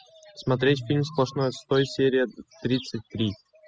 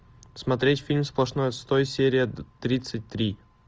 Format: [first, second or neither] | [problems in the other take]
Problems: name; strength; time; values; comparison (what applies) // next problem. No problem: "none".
second | noise reduction (classical method spectral subtraction)